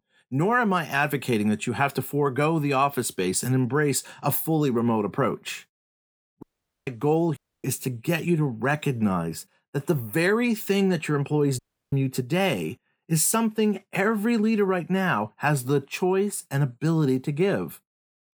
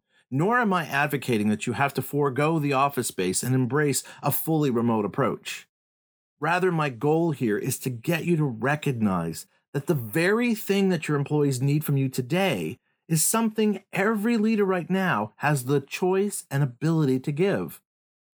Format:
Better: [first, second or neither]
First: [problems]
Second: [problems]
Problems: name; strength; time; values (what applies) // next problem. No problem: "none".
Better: second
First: audio cutting out; at 6.5 s, at 7.5 s and at 12 s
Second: none